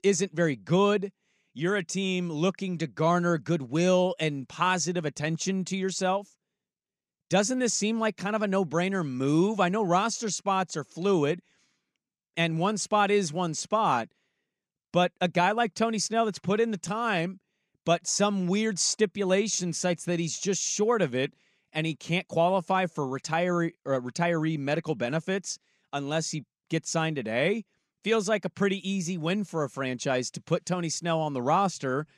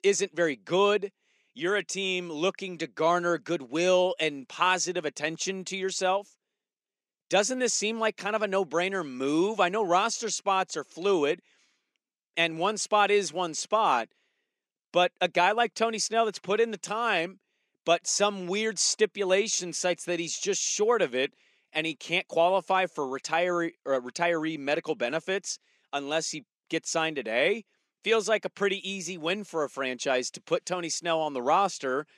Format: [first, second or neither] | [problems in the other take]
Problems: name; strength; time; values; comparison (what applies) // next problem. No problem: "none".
first | thin; somewhat; fading below 350 Hz